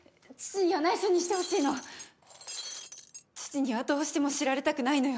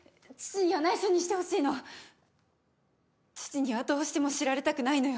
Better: second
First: background sound (Shatter); 13 dB below the speech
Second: none

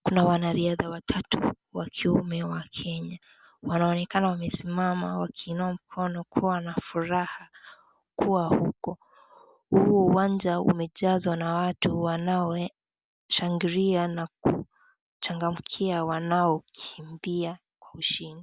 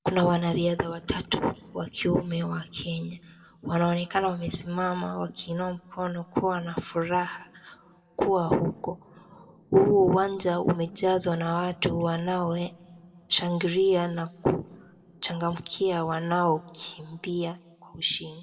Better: first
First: none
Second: room echo; dies away in 0.9 s

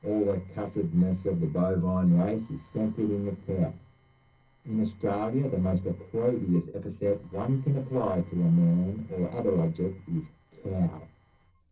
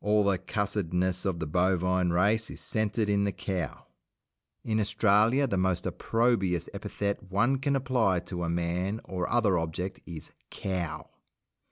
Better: second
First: noise reduction (neural separator model SepFormer DNS4)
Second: none

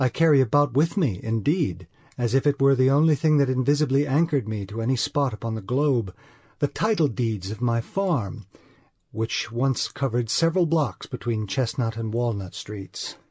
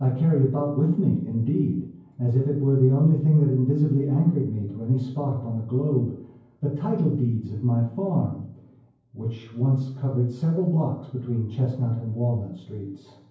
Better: first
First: none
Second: room echo; dies away in 0.9 s

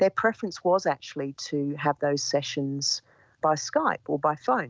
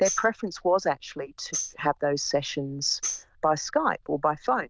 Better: first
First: none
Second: noise reduction (neural diffusion model UNIVERSE++)

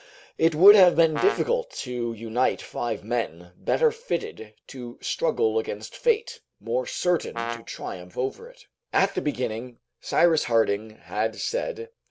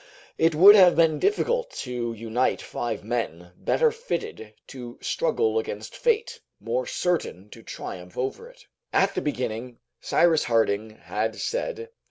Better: second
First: background sound (Brass instrument); 11 dB below the speech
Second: none

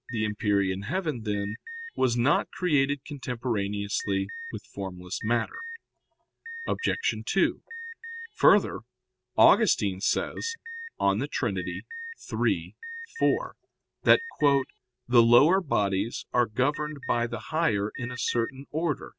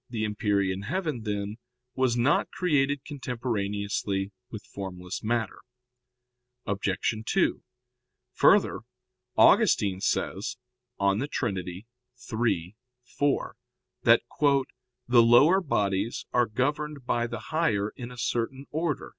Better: second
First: background sound (Alarm); 16 dB below the speech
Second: none

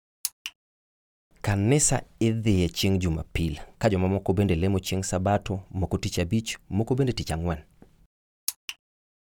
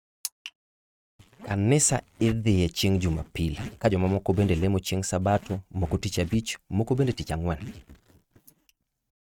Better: first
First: none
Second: noise reduction (neural mask model RNNoise)

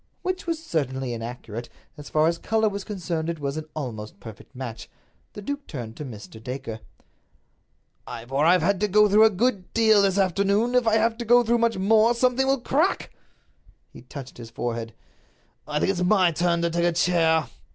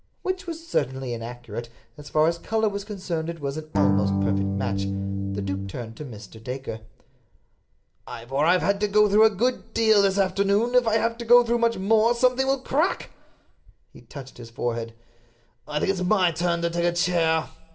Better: first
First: none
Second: background sound (Electric guitar / Strum); 1 dB above the speech // room echo; dies away in 0.4 s

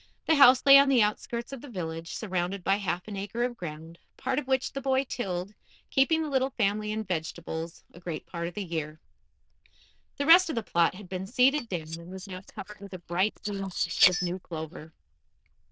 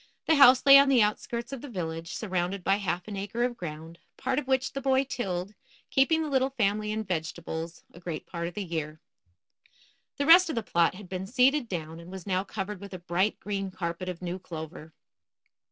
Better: second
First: noise reduction (neural diffusion model UNIVERSE++)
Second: none

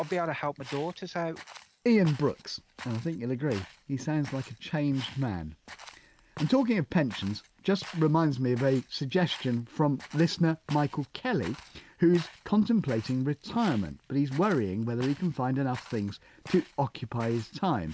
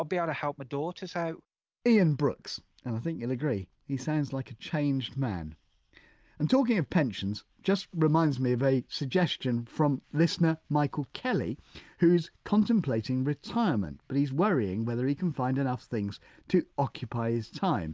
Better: second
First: background sound (Walk, footsteps); 20 dB below the speech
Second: none

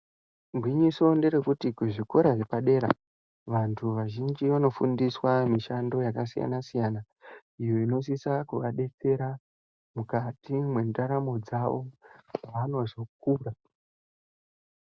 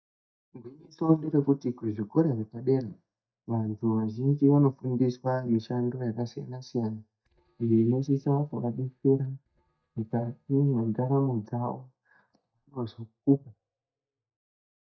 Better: first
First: none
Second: noise reduction (neural mask model DeepFilterNet 3)

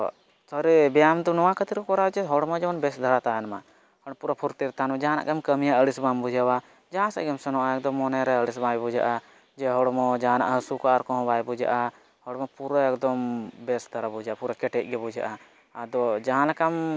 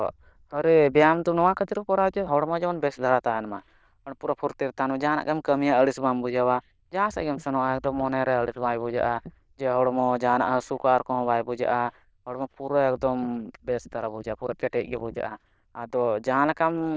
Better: first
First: none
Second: noise reduction (neural diffusion model UNIVERSE++)

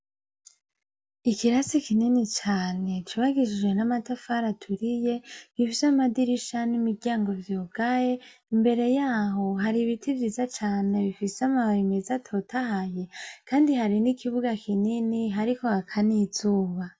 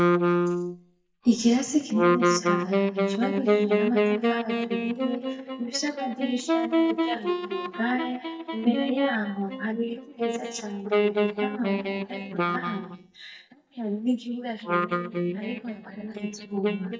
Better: first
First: none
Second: noise reduction (neural mask model DeepFilterNet 3)

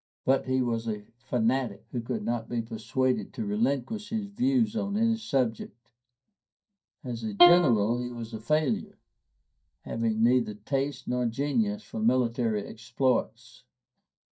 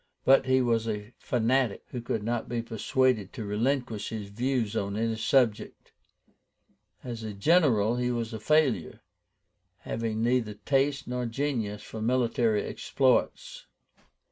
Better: second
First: noise reduction (neural mask model DeepFilterNet 3)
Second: none

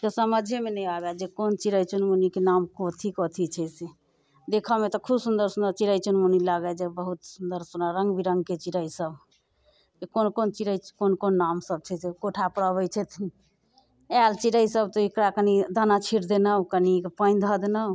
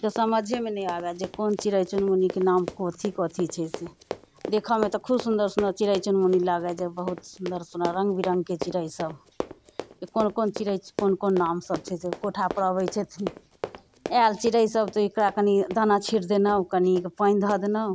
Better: first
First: none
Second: background sound (Run); 13 dB below the speech

